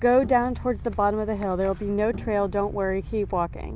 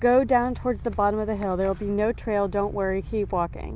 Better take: second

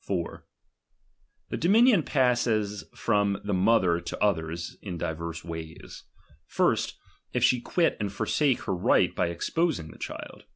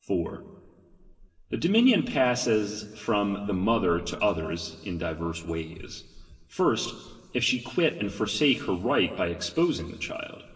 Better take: first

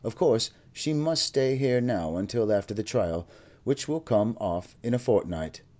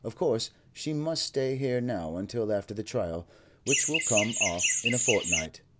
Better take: first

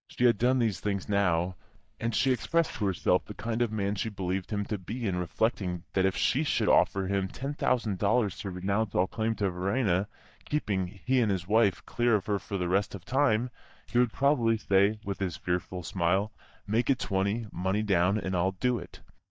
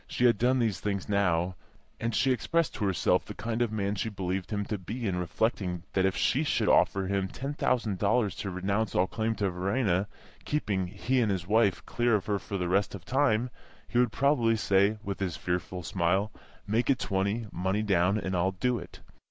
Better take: second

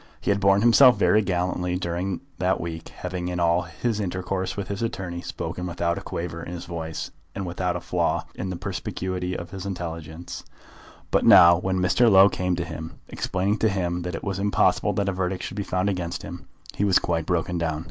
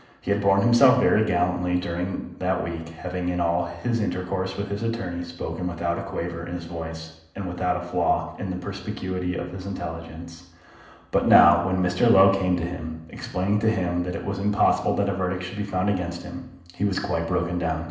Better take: first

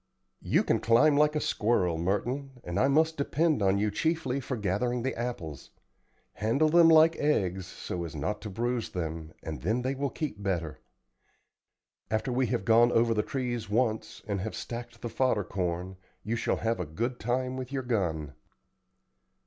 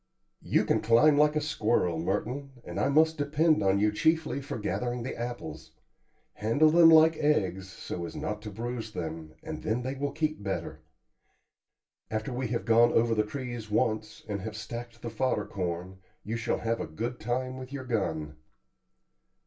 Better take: first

